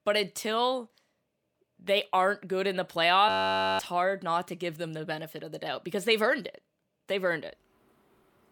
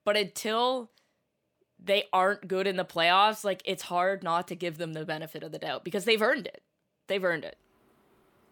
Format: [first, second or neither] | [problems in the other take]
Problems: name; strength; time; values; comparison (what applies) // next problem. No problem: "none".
second | audio freezing; at 3.5 s for 0.5 s